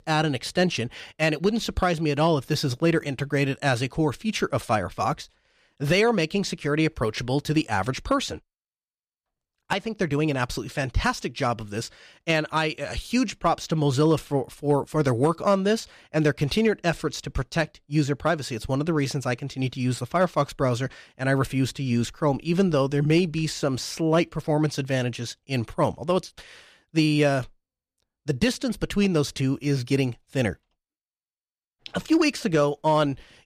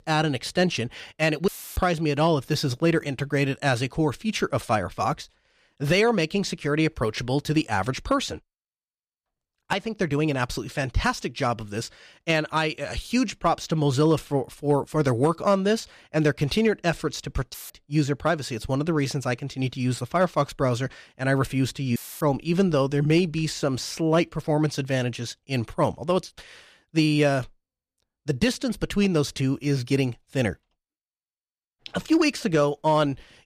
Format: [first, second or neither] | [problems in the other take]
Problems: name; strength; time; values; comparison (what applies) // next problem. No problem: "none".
first | audio cutting out; filled with static; at 1.5 s, at 18 s and at 22 s